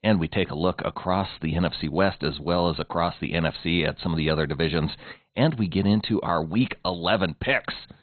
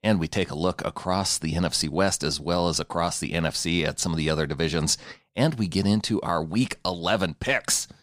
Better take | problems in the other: second | garbled, watery; badly; nothing above 4 kHz

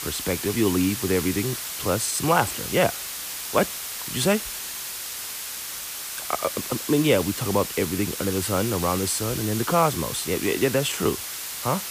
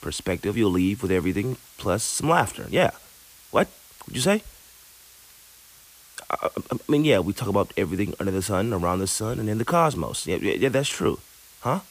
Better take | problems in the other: second | hiss; loud; throughout; 5 dB below the speech; faint in the second

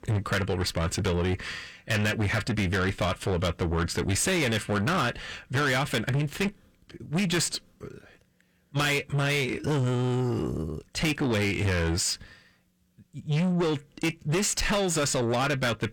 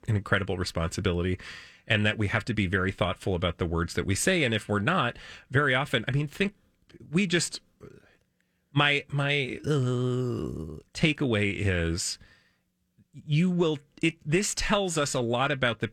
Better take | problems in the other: second | distortion; heavy; 7 dB below the speech

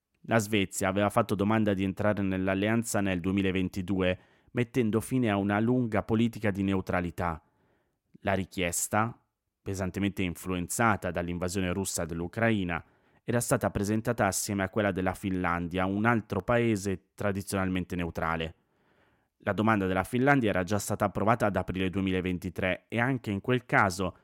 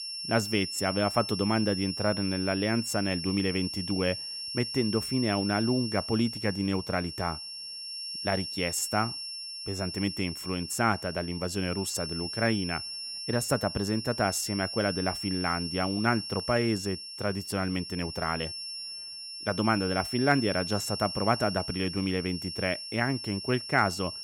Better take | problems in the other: first | high-pitched whine; loud; throughout; 5.5 kHz, 6 dB below the speech

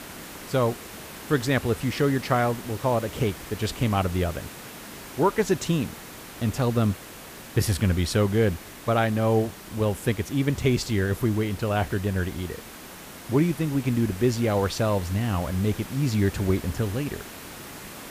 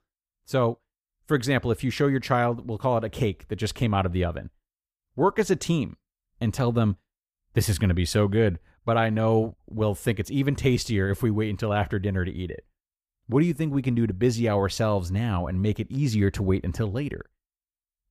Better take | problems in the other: second | hiss; noticeable; throughout; 15 dB below the speech

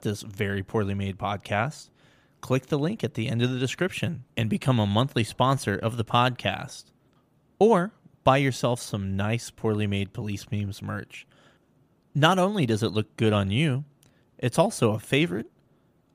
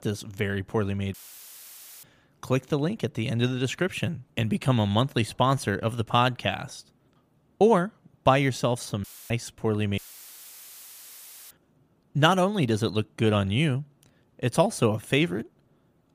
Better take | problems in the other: first | audio cutting out; filled with static; at 1 s for 1 s, at 9 s and at 10 s for 1.5 s

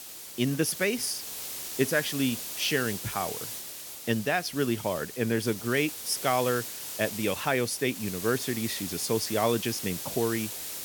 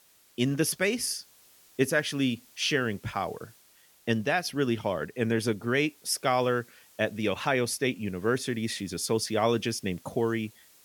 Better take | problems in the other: second | hiss; loud; throughout; 6 dB below the speech; faint in the second

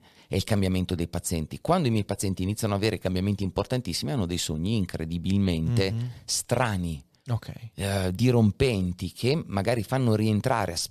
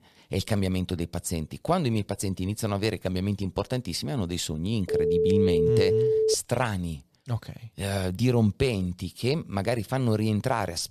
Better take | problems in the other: first | phone ringing; loud; from 5 to 6.5 s; peak 5 dB above the speech

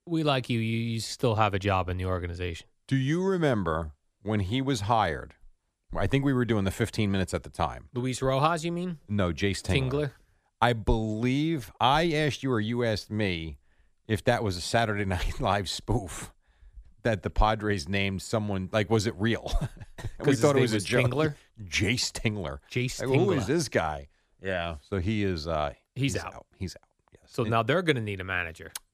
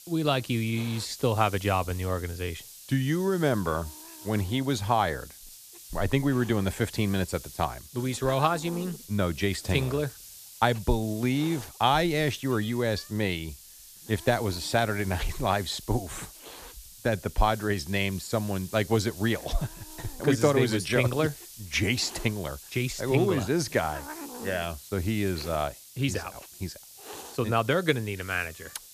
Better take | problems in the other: first | hiss; noticeable; throughout; 15 dB below the speech

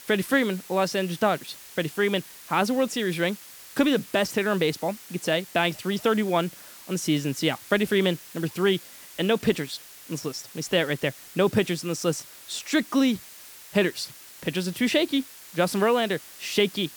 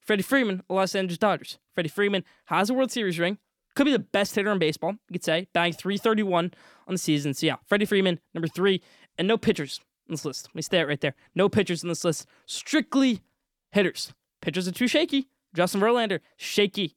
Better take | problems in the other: second | hiss; noticeable; throughout; 15 dB below the speech

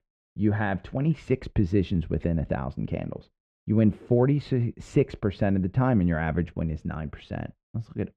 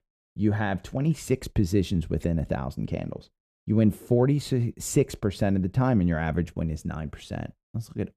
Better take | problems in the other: second | muffled; slightly; fading above 2.5 kHz

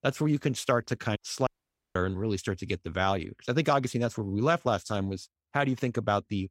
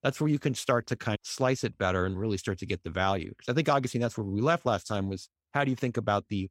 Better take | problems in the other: second | audio cutting out; at 1.5 s

